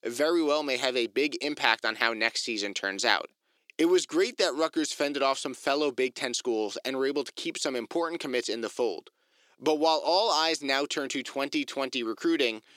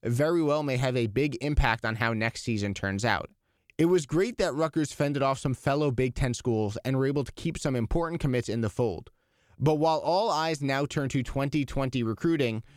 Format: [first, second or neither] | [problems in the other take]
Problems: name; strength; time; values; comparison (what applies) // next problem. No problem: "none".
second | thin; somewhat; fading below 300 Hz